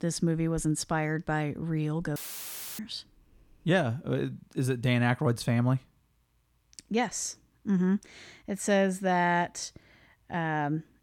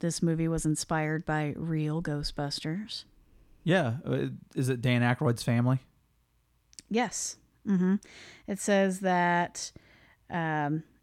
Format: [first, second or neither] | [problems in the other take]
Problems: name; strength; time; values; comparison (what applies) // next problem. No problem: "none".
second | audio cutting out; filled with static; at 2 s for 0.5 s